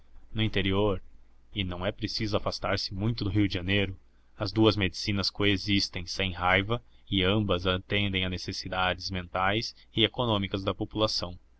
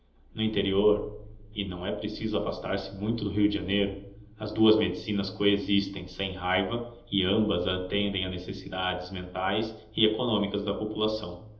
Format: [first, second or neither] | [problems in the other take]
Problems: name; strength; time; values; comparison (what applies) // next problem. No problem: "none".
first | room echo; dies away in 1.2 s